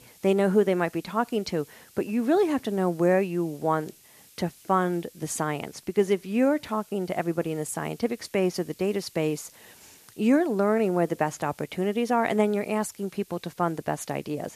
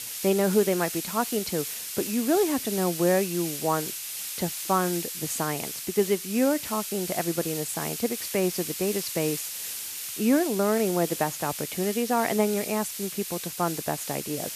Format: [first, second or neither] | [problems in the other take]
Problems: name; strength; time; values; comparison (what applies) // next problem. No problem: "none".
first | hiss; loud; throughout; 5 dB below the speech; faint in the first